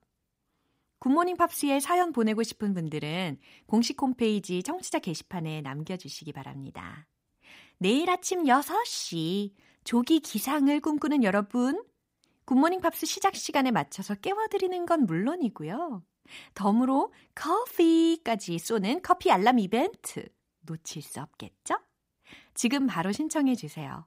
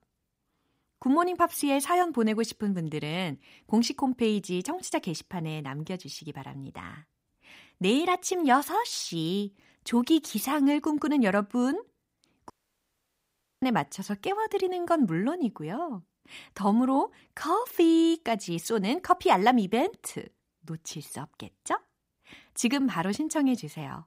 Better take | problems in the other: first | audio cutting out; at 13 s for 1 s

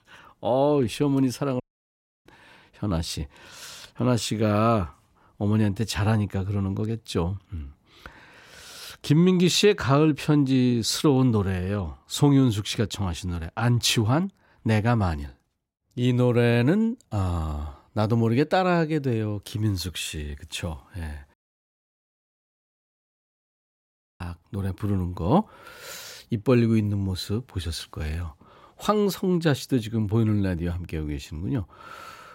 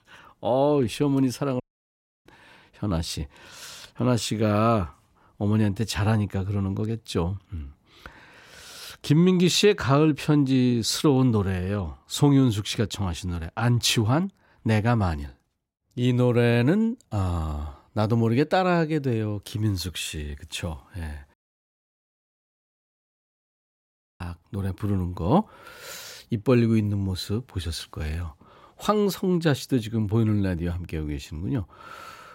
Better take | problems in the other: neither | audio cutting out; at 1.5 s for 0.5 s and at 21 s for 3 s; the same in both

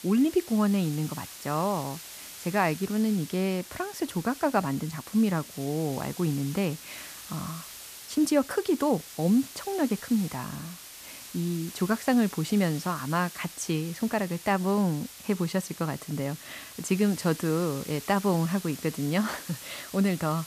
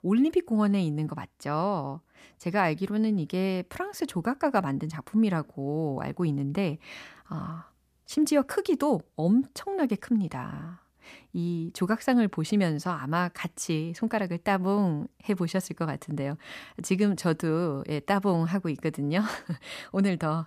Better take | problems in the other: second | hiss; noticeable; throughout; 15 dB below the speech

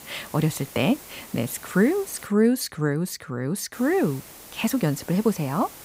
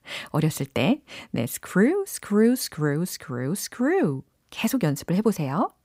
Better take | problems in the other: second | hiss; noticeable; until 2.5 s and from 3.5 s on; 15 dB below the speech

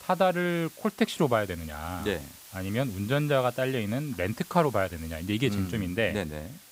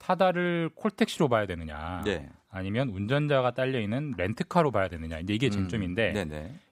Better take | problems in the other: second | hiss; noticeable; throughout; 20 dB below the speech

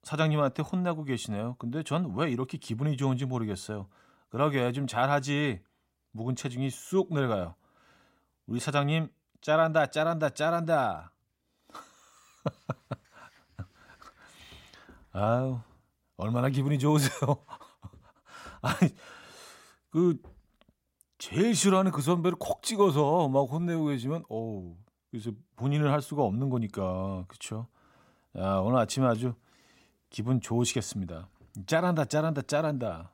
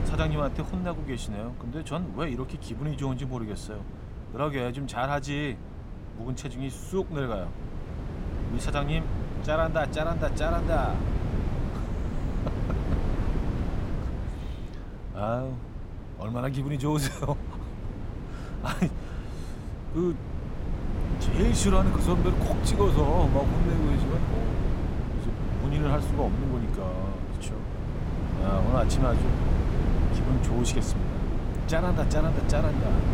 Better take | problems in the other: first | wind noise on the microphone; heavy; 6 dB below the speech

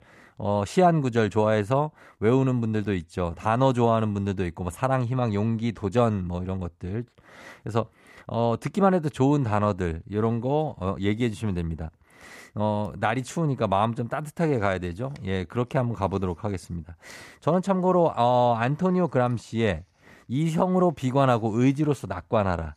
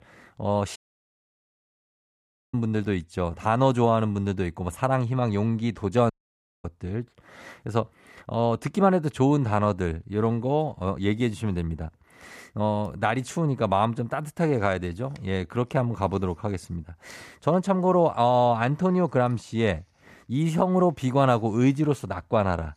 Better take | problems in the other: first | audio cutting out; at 1 s for 2 s and at 6 s for 0.5 s

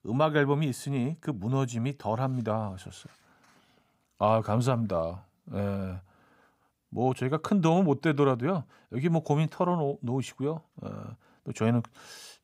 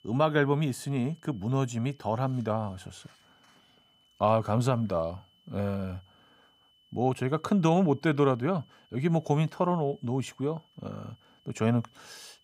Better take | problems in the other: first | high-pitched whine; faint; throughout; 3 kHz, 35 dB below the speech

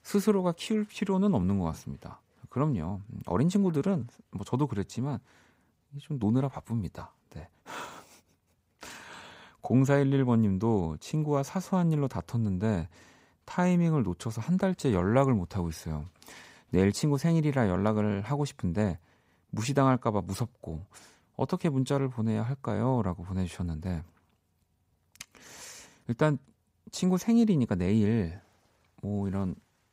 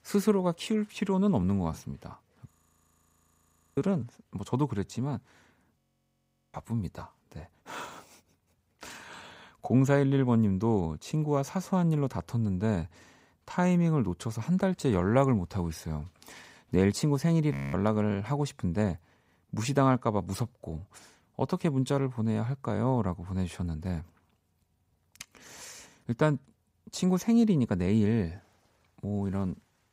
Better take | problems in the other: first | audio freezing; at 2.5 s for 1.5 s, at 6 s for 1 s and at 18 s

